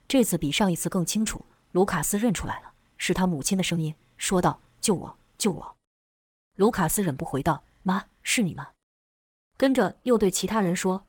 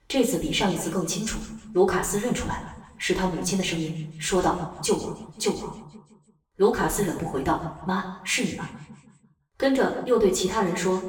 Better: first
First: none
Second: room echo; slight; dies away in 0.9 s // off-mic speech; far

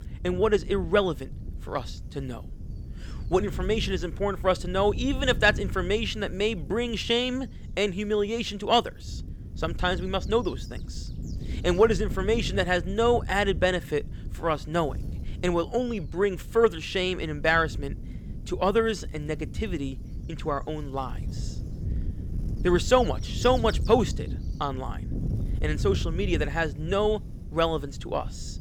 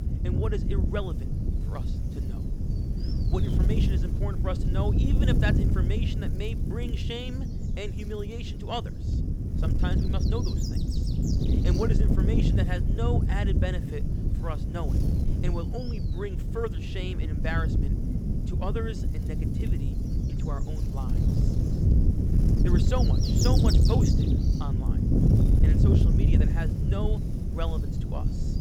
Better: first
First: wind noise on the microphone; occasional gusts; 20 dB below the speech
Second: wind noise on the microphone; heavy; 1 dB below the speech

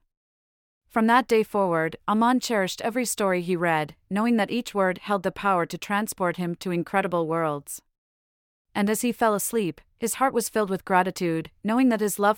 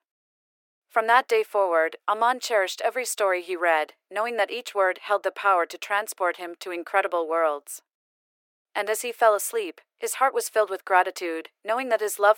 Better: first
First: none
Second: thin; very; fading below 350 Hz

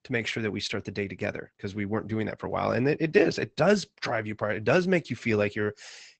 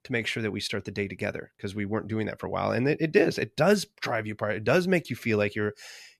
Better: second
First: garbled, watery; badly; nothing above 8 kHz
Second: none

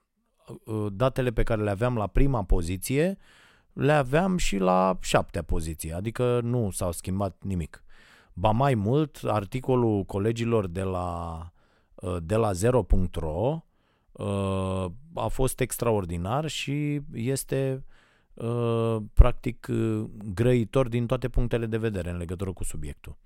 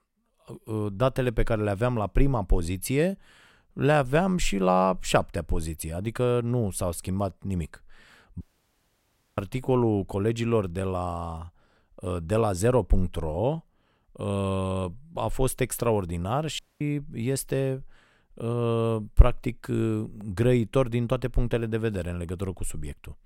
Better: first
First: none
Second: audio cutting out; at 8.5 s for 1 s and at 17 s

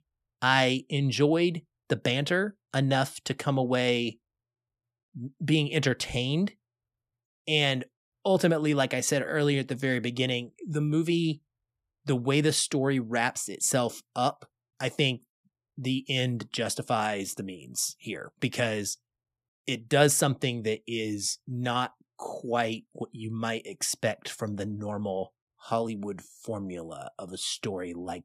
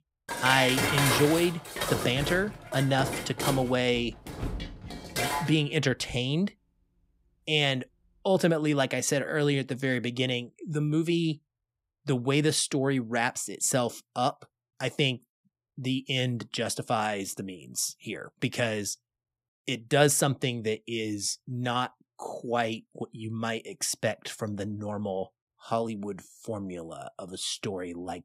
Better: first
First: none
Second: clattering dishes; loud; until 5.5 s; peak 4 dB above the speech

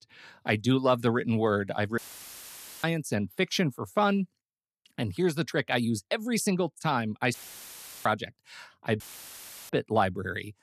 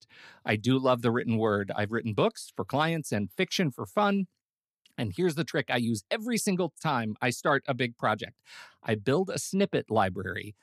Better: second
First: audio cutting out; filled with static; at 2 s for 1 s, at 7.5 s for 0.5 s and at 9 s for 0.5 s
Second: none

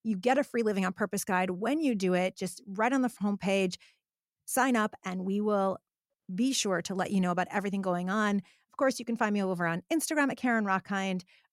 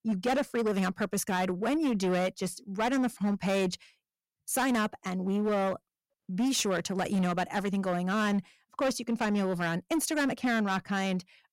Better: first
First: none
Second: distortion; slight; 13% of the sound clipped

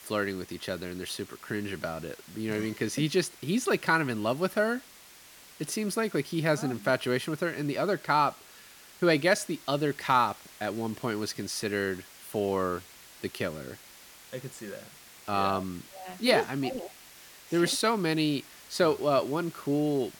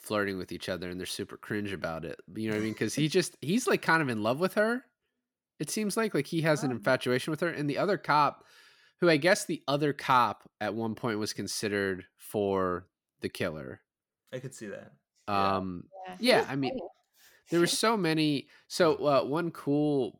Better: second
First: hiss; noticeable; throughout; 20 dB below the speech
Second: none

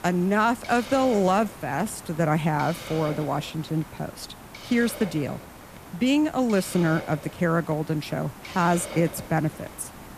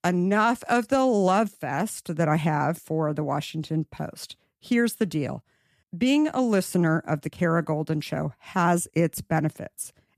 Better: second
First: hiss; noticeable; throughout; 15 dB below the speech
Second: none

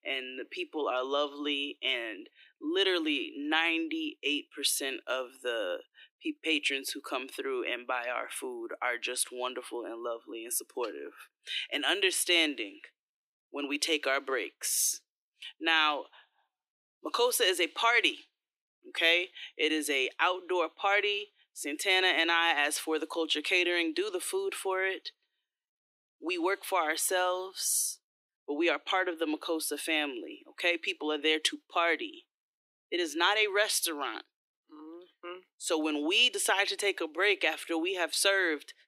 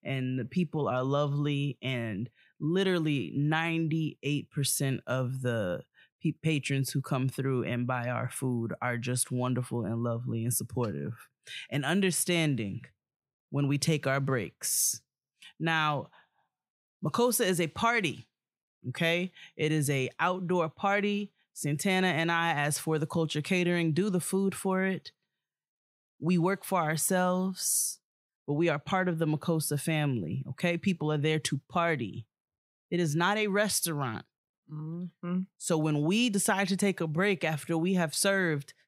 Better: second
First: thin; very; fading below 300 Hz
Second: none

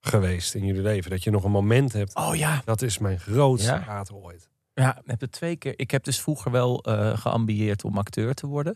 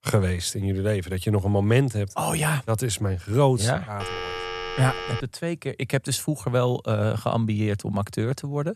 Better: first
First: none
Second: phone ringing; noticeable; from 4 to 5.5 s; peak 6 dB below the speech

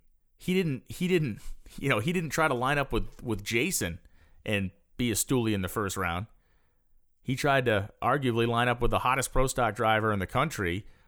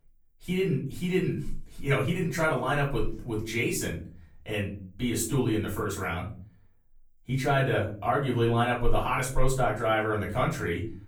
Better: first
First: none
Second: off-mic speech; far // room echo; slight; dies away in 0.4 s

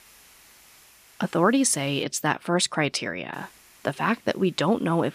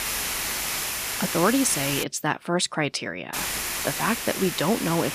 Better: first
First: hiss; faint; until 2 s and from 3.5 s on; 25 dB below the speech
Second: hiss; loud; until 2 s and from 3.5 s on; 2 dB below the speech

